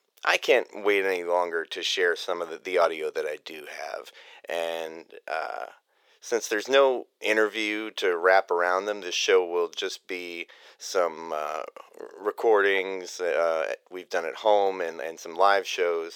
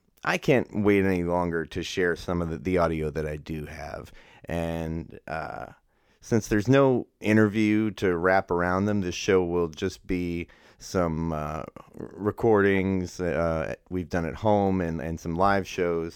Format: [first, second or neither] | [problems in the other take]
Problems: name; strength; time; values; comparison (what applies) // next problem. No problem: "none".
second | thin; very; fading below 450 Hz